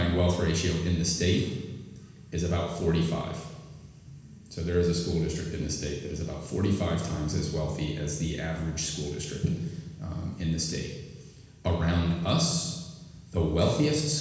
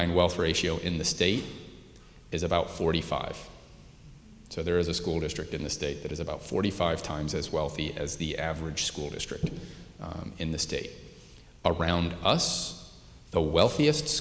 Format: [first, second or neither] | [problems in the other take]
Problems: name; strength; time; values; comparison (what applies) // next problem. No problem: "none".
second | room echo; dies away in 1.1 s